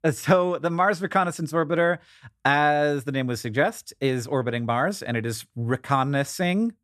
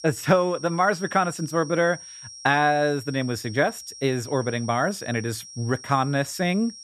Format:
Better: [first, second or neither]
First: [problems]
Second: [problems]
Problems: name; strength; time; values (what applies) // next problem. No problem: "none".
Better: first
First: none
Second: high-pitched whine; noticeable; throughout; 5.5 kHz, 15 dB below the speech